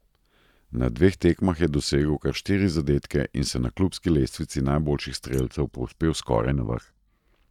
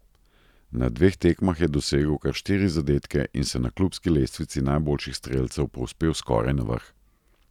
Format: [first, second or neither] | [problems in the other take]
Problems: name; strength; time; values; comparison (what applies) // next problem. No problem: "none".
second | noise reduction (neural mask model DeepFilterNet 3)